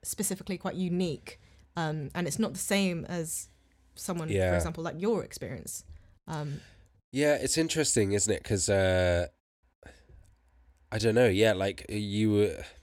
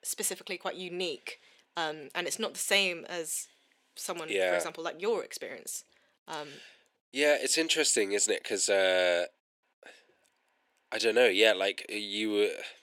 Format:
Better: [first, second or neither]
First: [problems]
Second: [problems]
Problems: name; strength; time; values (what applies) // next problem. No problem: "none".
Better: first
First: none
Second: thin; somewhat; fading below 350 Hz